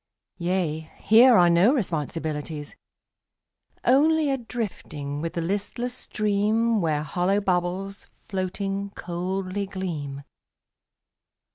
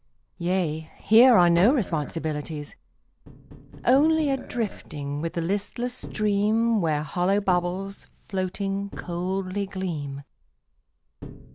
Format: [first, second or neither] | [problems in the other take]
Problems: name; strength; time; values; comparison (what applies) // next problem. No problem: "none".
first | background sound (Burping, eructation + Tap); 18 dB below the speech